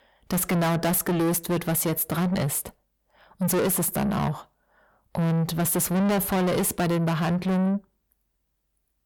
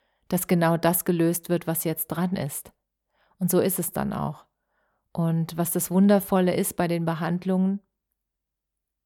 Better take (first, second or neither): second